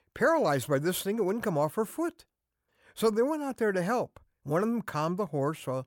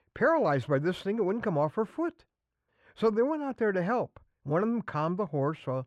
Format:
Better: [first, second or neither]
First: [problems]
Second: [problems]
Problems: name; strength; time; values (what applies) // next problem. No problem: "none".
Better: first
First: none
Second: muffled; slightly; fading above 3 kHz